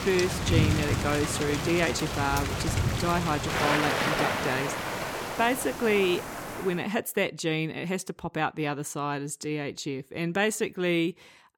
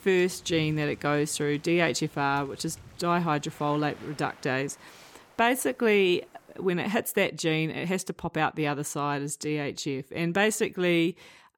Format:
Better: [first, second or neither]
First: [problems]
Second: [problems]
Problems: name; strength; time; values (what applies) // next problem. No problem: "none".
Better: second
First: rain or running water; loud; until 6.5 s; as loud as the speech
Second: rain or running water; faint; until 6.5 s; 25 dB below the speech